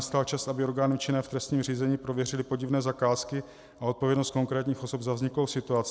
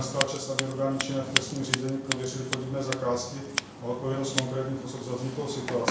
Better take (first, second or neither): first